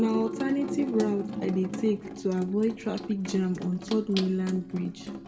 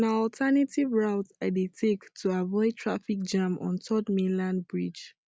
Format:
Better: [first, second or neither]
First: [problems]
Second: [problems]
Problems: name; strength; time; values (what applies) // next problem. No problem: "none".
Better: second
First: background sound (Sink (filling or washing) / Water tap, faucet); 8 dB below the speech // room echo; dies away in 0.5 s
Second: none